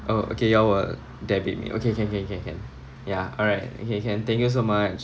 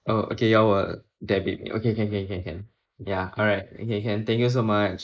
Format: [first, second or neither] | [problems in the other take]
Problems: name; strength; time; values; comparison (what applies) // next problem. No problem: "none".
first | noise reduction (neural mask model Resemble Enhance denoiser)